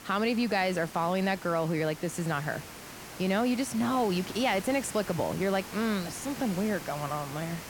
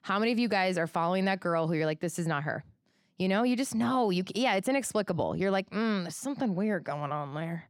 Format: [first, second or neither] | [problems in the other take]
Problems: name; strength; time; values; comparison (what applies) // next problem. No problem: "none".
second | hiss; noticeable; throughout; 10 dB below the speech